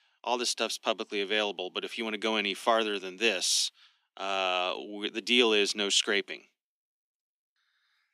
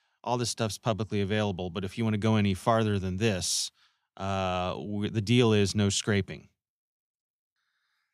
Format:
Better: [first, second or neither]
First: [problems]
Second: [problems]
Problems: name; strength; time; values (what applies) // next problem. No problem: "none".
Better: second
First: thin; somewhat; fading below 250 Hz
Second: none